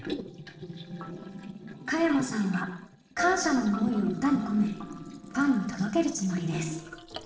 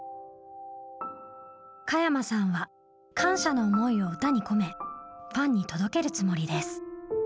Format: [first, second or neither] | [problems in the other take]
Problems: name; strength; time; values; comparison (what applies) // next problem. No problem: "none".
second | noise reduction (neural separator model SepFormer DNS4)